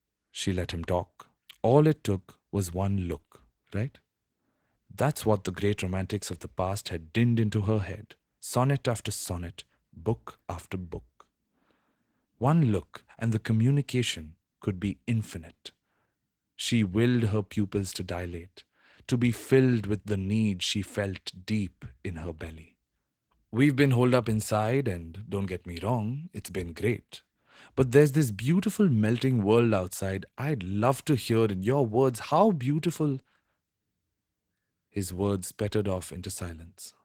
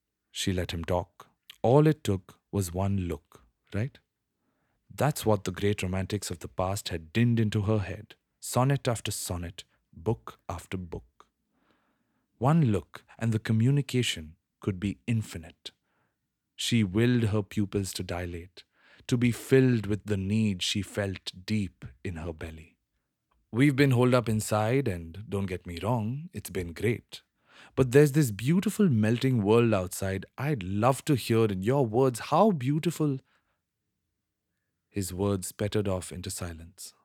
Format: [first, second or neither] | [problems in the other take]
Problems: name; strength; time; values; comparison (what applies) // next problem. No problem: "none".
second | garbled, watery; slightly